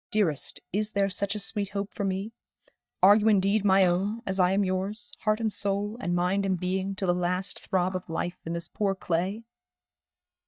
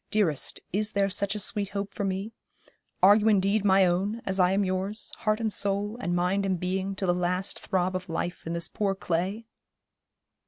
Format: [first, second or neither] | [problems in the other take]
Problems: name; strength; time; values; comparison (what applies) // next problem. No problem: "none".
second | noise reduction (neural mask model DeepFilterNet 3)